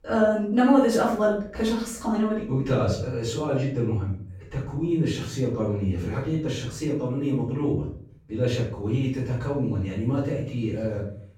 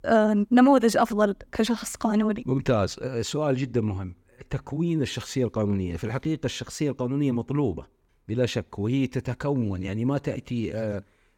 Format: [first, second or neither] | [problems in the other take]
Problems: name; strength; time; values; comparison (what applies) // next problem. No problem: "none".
second | off-mic speech; far // room echo; noticeable; dies away in 0.5 s